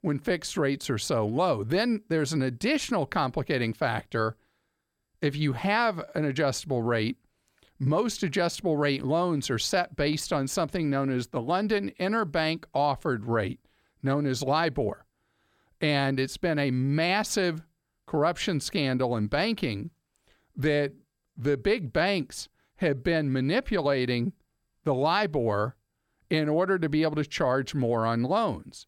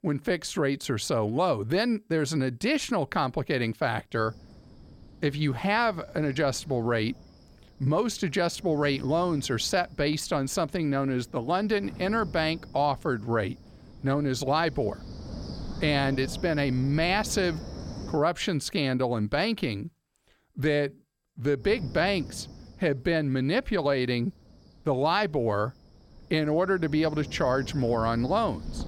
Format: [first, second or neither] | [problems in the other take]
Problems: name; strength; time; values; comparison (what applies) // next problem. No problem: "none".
first | wind noise on the microphone; occasional gusts; from 4 to 18 s and from 22 s on; 20 dB below the speech